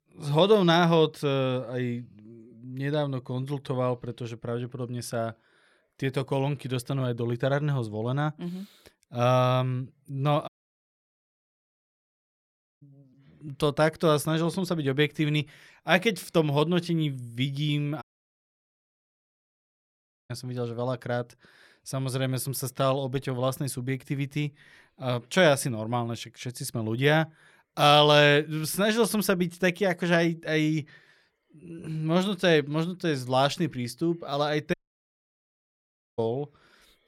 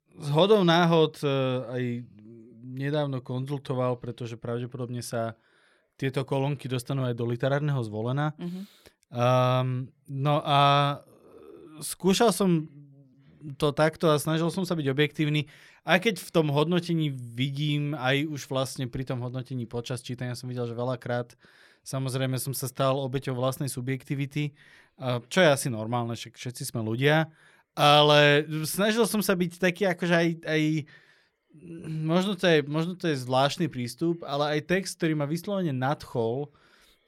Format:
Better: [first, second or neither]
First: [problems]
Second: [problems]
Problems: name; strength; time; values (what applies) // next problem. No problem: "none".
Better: second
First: audio cutting out; at 10 s for 2.5 s, at 18 s for 2.5 s and at 35 s for 1.5 s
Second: none